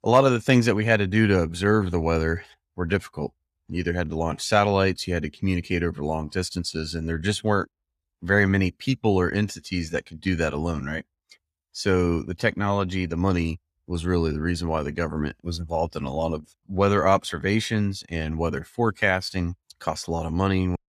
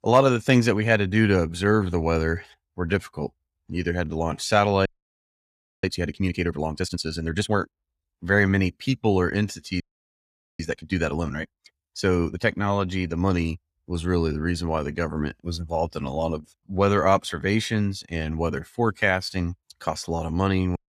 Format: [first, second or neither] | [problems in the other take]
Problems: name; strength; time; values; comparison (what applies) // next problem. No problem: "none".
first | audio freezing; at 5 s for 1 s and at 10 s for 1 s